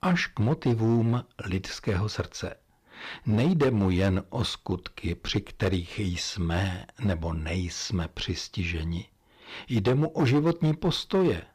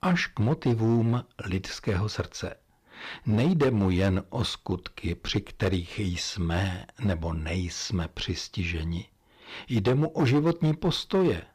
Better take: neither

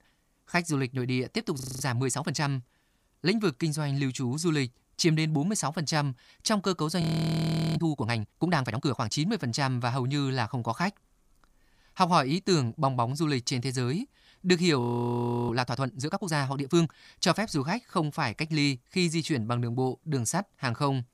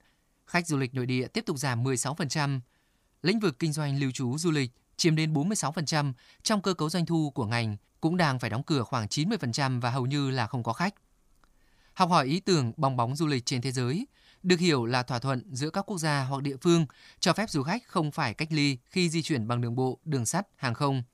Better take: second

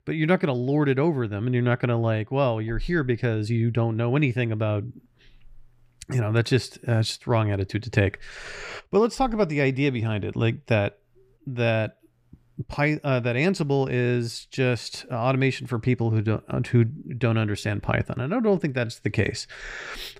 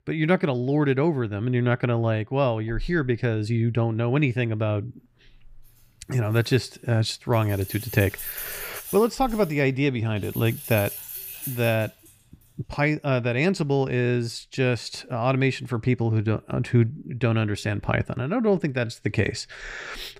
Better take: first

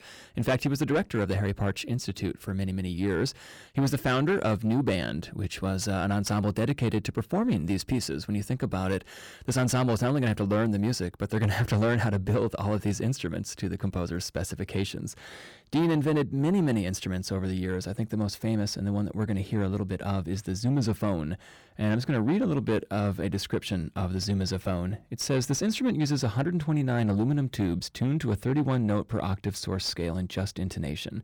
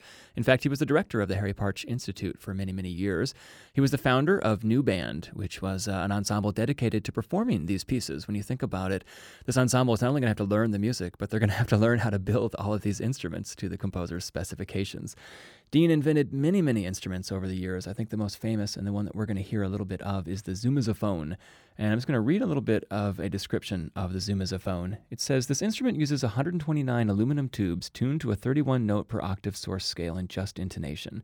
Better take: second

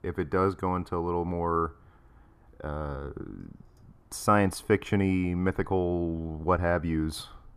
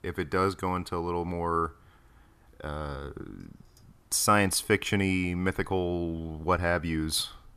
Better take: second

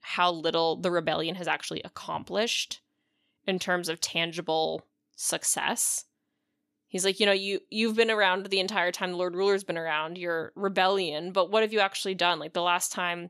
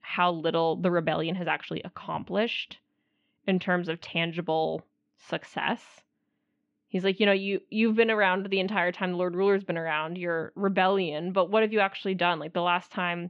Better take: first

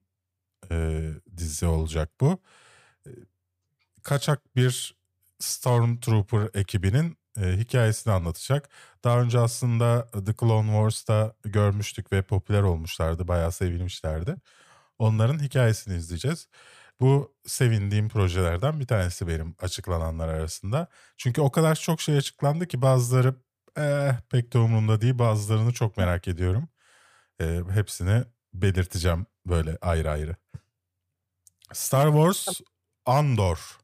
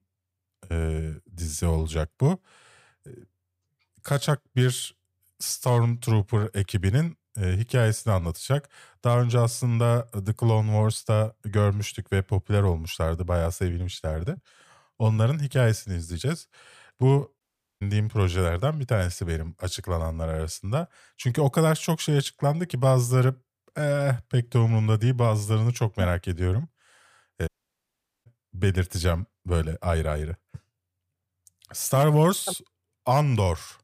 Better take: first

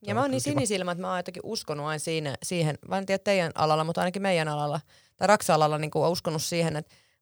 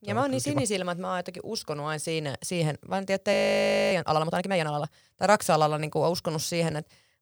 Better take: first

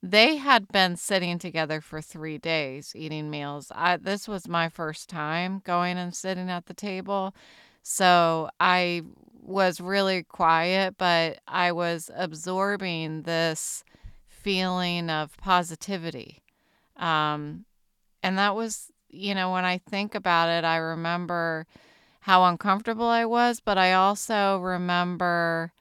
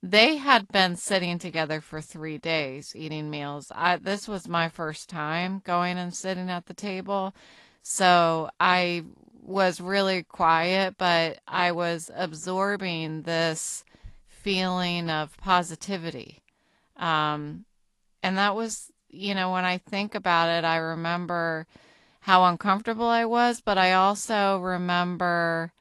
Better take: first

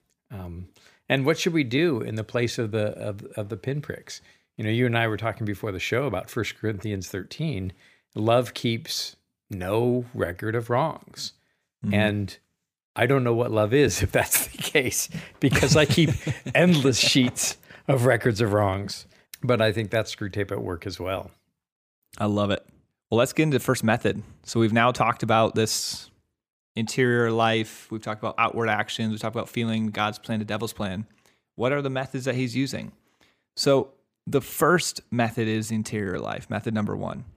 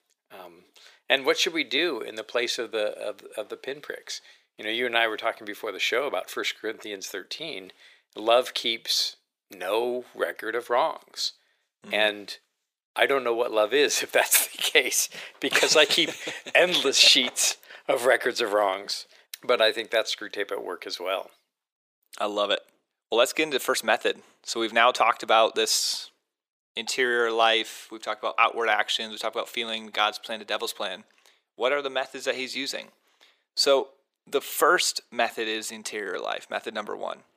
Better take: first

